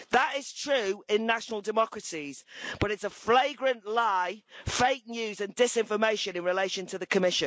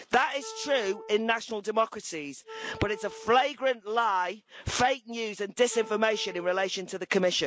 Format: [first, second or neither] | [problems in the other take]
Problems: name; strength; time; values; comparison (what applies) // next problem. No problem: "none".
first | background sound (Wind instrument, woodwind instrument); 17 dB below the speech